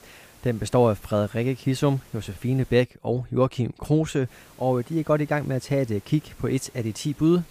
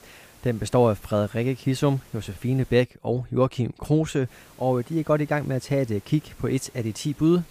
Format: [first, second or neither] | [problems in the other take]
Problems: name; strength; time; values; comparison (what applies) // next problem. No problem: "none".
neither | hiss; faint; until 3 s and from 4.5 s on; 25 dB below the speech; the same in both